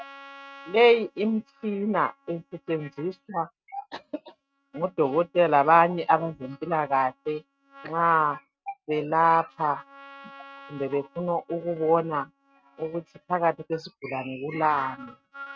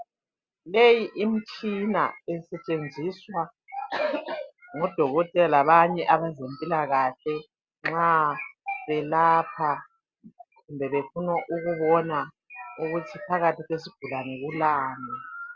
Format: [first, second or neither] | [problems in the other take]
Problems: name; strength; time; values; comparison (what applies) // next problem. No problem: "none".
second | noise reduction (neural mask model RNNoise)